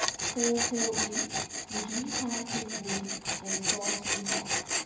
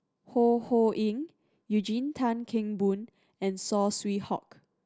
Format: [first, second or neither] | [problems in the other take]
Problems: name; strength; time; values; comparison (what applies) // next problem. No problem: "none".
second | background sound (Tools); 4 dB above the speech // room echo; dies away in 1.1 s